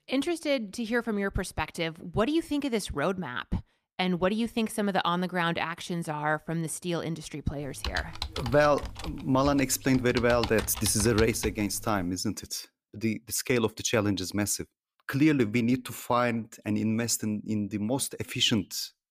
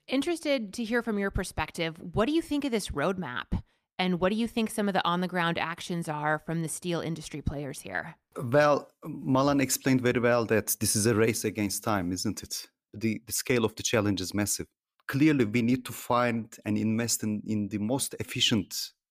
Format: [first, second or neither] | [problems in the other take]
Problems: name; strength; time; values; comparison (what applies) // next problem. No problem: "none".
second | keyboard typing; noticeable; from 7.5 to 12 s; peak 6 dB below the speech